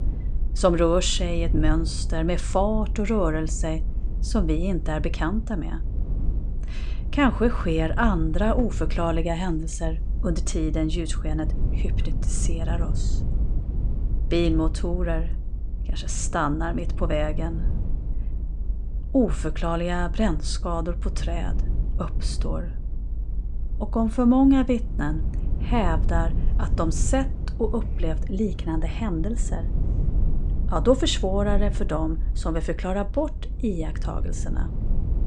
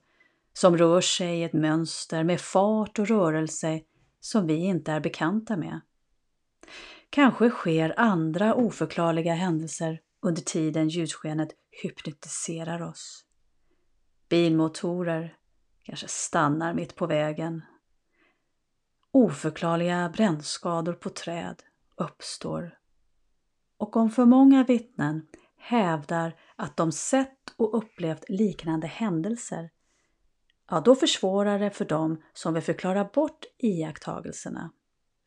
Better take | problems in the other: second | low rumble; noticeable; throughout; 15 dB below the speech

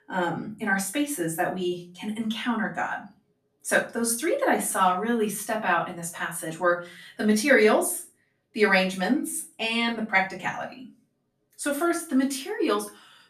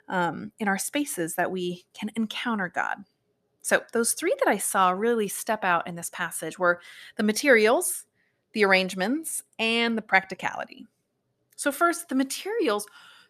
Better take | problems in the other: second | room echo; slight; dies away in 0.3 s // off-mic speech; far

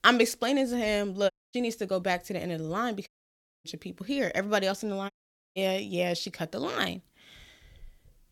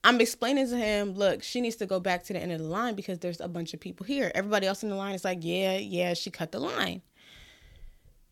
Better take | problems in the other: second | audio cutting out; at 1.5 s, at 3 s for 0.5 s and at 5 s

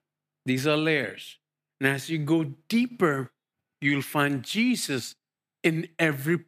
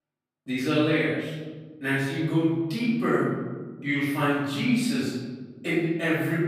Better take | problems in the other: first | off-mic speech; far // room echo; strong; dies away in 1.5 s

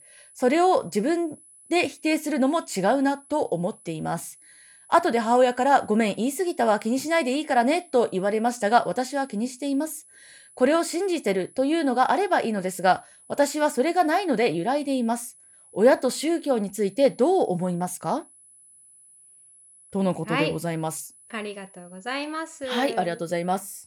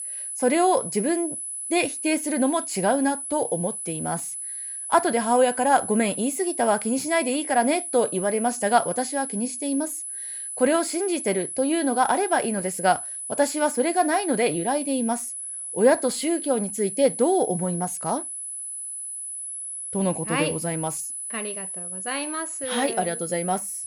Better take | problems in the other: first | high-pitched whine; loud; throughout; 10 kHz, 6 dB below the speech; faint in the first

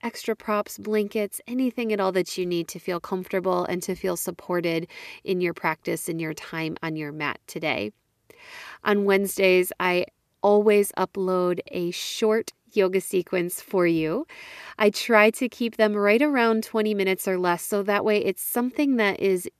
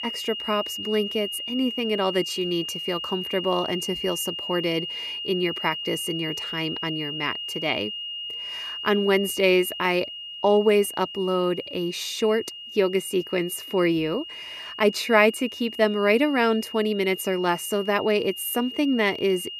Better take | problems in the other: first | high-pitched whine; loud; throughout; 3 kHz, 7 dB below the speech

